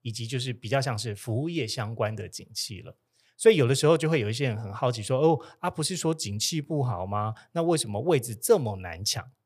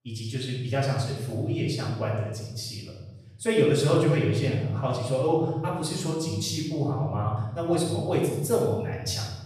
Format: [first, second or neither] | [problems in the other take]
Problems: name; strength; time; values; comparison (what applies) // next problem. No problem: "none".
first | off-mic speech; far // room echo; noticeable; dies away in 1.4 s